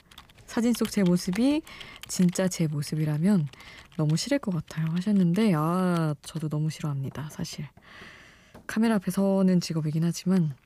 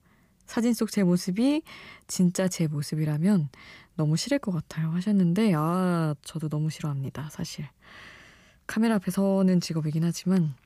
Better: second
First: household noises; faint; throughout; 20 dB below the speech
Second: none

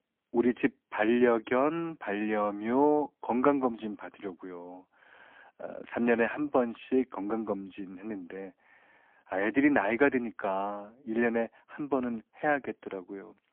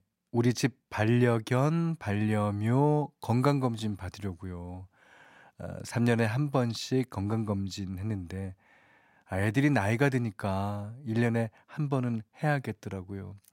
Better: second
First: phone-call audio; poor line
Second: none

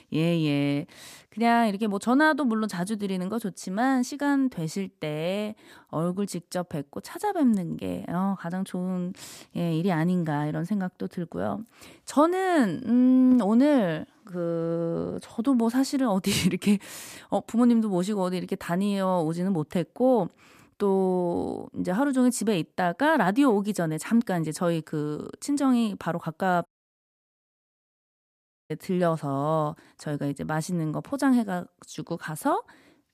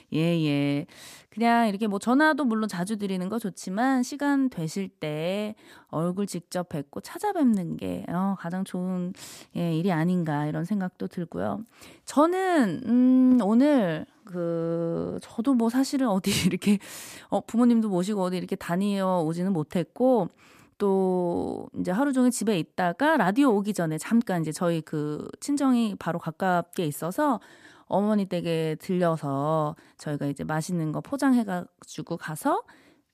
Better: second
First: audio cutting out; at 27 s for 2 s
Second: none

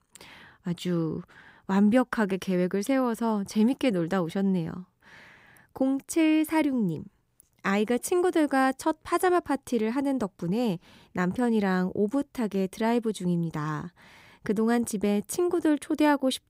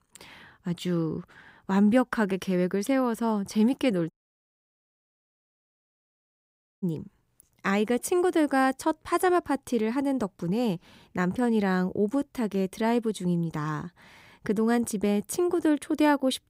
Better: first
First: none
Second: audio cutting out; at 4 s for 2.5 s

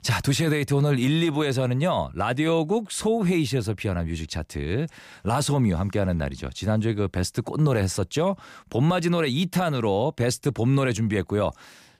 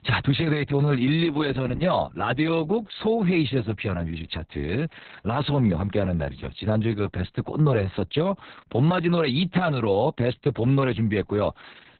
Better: first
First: none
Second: garbled, watery; badly; nothing above 4 kHz

